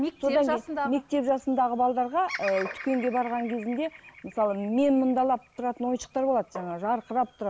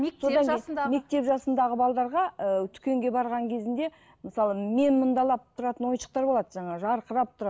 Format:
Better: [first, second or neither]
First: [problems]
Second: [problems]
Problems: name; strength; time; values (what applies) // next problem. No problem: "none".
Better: second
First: background sound (Bird vocalization, bird call, bird song + Tap); 18 dB below the speech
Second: none